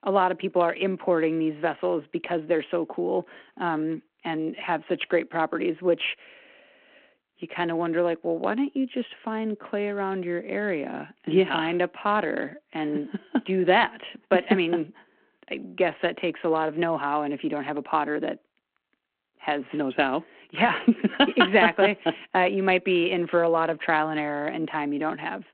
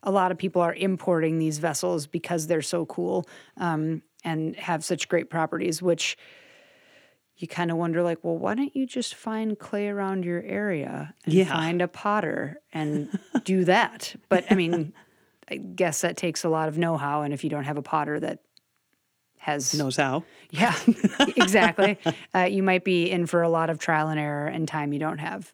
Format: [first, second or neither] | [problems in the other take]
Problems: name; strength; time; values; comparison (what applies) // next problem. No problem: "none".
second | phone-call audio